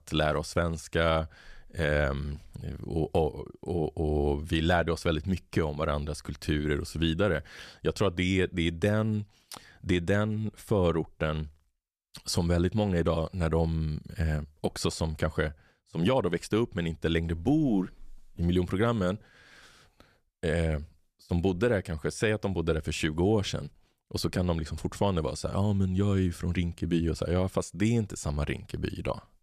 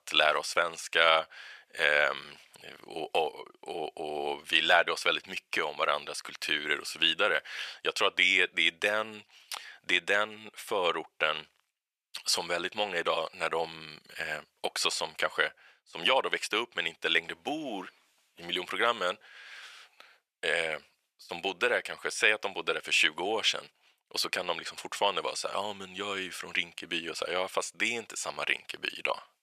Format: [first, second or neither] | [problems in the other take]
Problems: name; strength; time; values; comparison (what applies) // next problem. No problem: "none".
first | thin; very; fading below 750 Hz